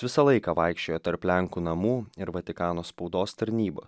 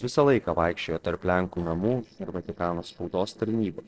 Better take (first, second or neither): first